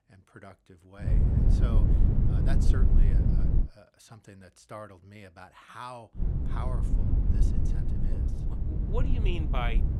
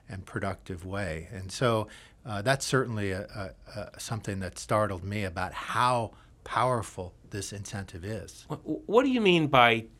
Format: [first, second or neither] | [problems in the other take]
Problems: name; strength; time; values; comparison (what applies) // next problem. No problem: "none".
second | low rumble; loud; from 1 to 3.5 s and from 6 s on; as loud as the speech